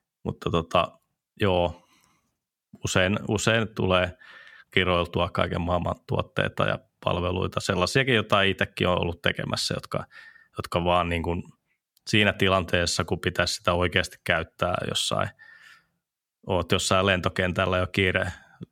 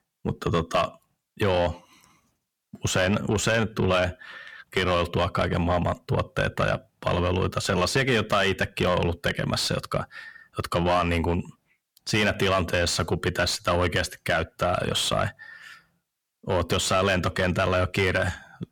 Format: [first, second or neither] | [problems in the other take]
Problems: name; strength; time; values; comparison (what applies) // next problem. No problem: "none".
first | distortion; heavy; 7 dB below the speech